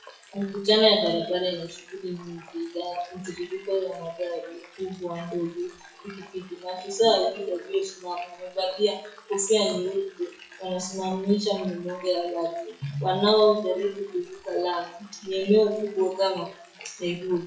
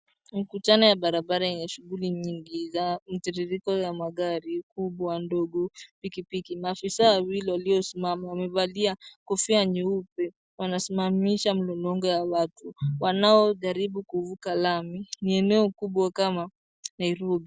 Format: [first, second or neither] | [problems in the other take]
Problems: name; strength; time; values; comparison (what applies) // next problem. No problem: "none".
second | noise reduction (classical method WPE with log-MMSE)